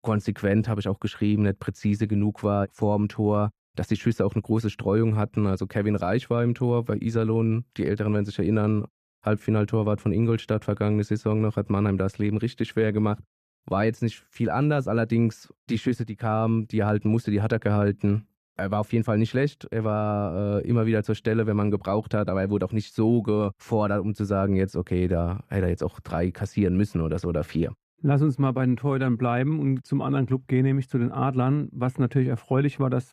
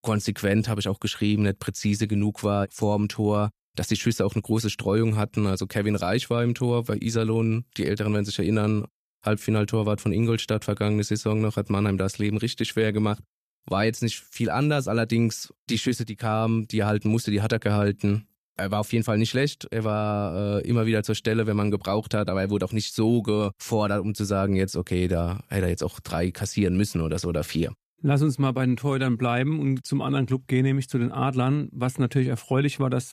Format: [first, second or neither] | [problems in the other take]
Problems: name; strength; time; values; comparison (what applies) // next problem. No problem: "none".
second | muffled; slightly; fading above 2.5 kHz